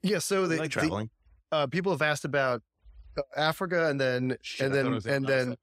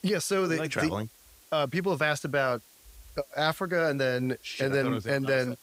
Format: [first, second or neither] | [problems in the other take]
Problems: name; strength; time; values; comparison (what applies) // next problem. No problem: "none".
first | hiss; faint; throughout; 25 dB below the speech